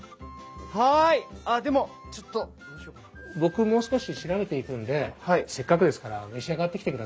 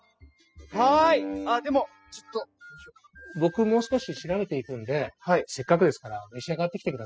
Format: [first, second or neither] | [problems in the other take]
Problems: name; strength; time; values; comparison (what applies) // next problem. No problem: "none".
first | noise reduction (classical method spectral subtraction)